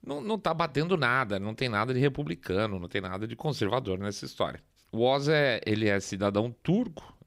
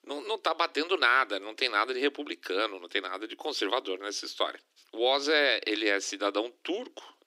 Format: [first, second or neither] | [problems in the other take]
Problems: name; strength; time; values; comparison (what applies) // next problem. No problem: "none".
first | thin; somewhat; fading below 300 Hz